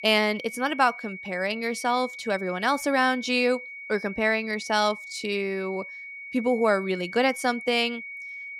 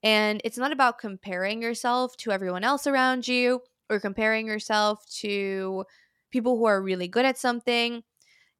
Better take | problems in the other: second | high-pitched whine; noticeable; throughout; 2 kHz, 10 dB below the speech

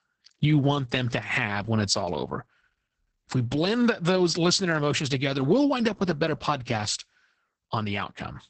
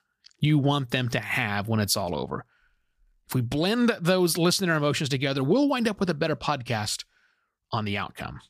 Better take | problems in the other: second | garbled, watery; badly; nothing above 8 kHz

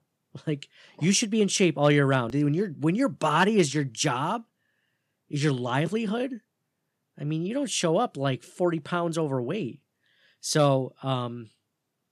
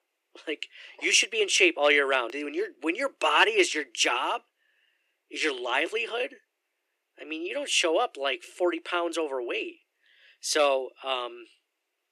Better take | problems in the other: first | thin; very; fading below 350 Hz

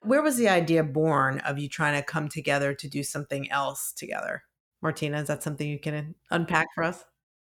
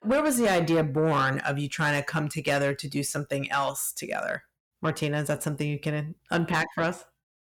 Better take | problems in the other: first | distortion; slight; 10 dB below the speech

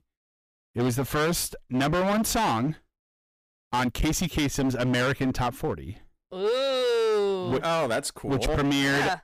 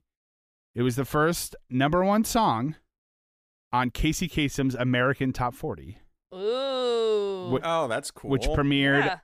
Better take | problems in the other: second | distortion; heavy; 21% of the sound clipped

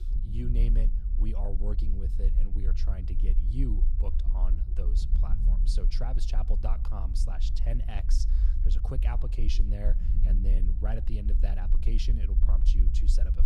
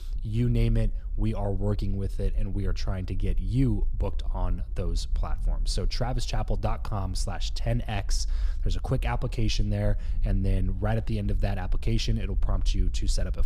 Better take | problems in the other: second | low rumble; loud; throughout; 6 dB below the speech; faint in the second

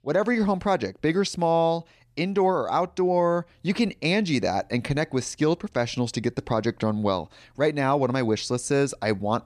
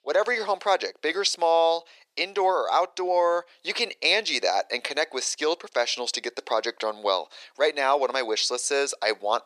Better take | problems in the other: first | thin; very; fading below 450 Hz

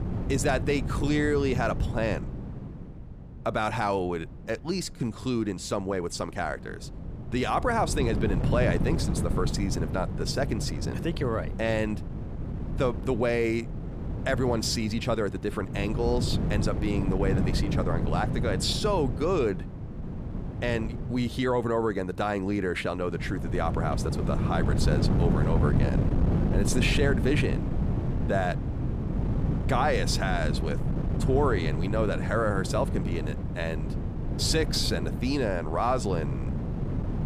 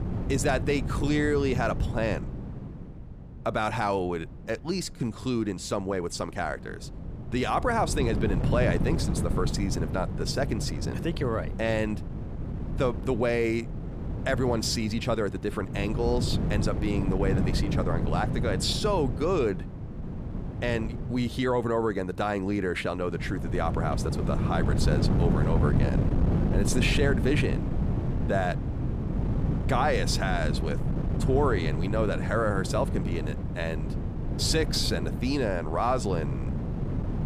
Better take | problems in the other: neither | wind noise on the microphone; heavy; 9 dB below the speech; the same in both

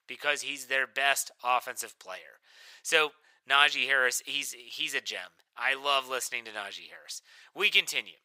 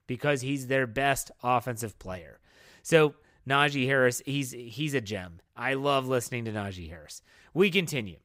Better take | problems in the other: second | thin; very; fading below 850 Hz

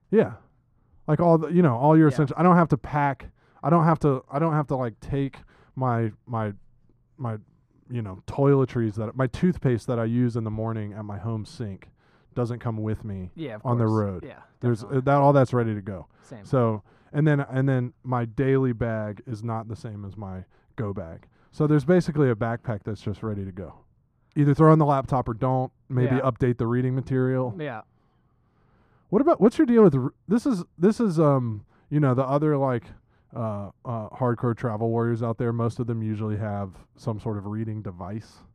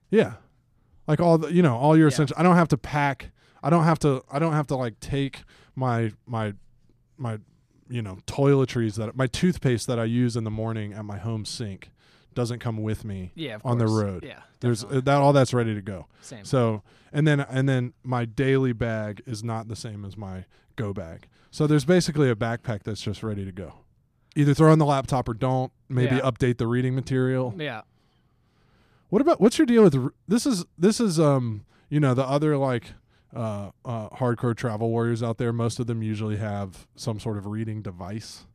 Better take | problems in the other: second | muffled; slightly; fading above 2 kHz

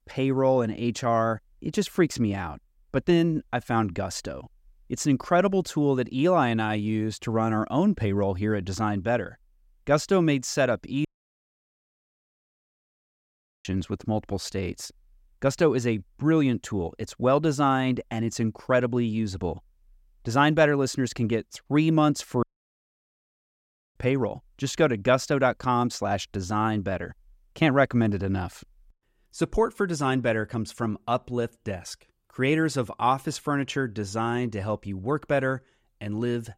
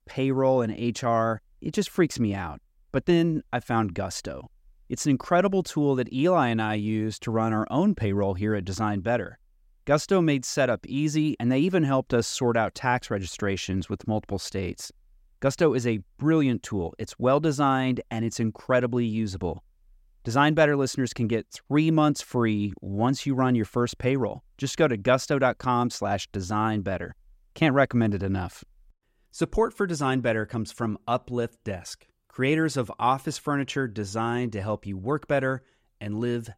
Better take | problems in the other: second | audio cutting out; at 11 s for 2.5 s and at 22 s for 1.5 s

